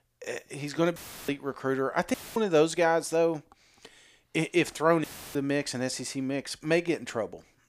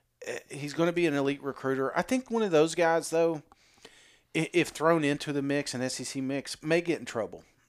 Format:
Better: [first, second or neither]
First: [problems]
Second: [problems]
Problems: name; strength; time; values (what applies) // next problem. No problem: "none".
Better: second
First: audio cutting out; filled with static; at 1 s, at 2 s and at 5 s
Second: none